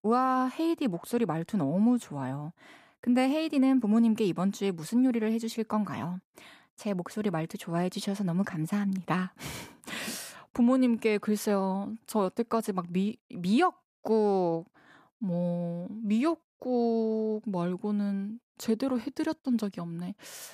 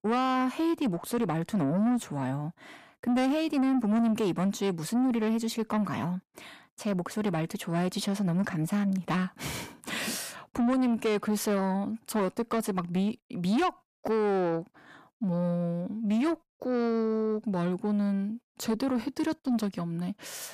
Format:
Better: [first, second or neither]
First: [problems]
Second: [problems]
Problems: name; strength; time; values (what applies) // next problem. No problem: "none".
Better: first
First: none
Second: distortion; slight; 10 dB below the speech